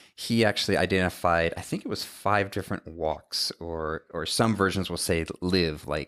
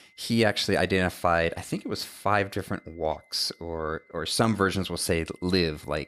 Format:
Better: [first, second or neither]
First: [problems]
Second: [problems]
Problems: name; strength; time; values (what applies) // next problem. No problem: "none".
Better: first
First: none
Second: high-pitched whine; faint; throughout; 2 kHz, 30 dB below the speech